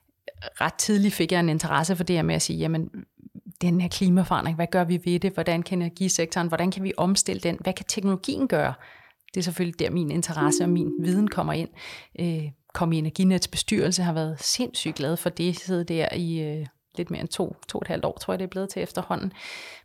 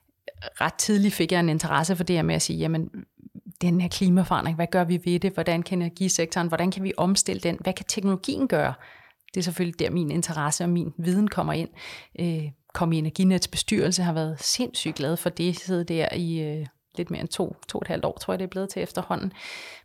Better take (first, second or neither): second